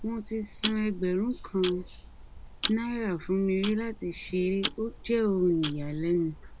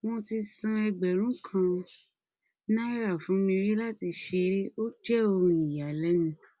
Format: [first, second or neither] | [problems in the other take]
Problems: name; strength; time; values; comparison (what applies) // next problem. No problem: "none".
second | background sound (Tick-tock); 10 dB below the speech